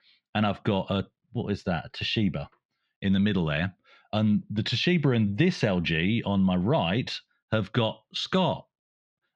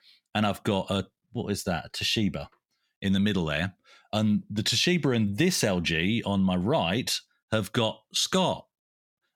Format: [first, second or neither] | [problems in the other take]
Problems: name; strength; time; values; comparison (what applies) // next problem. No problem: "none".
second | muffled; slightly; fading above 3.5 kHz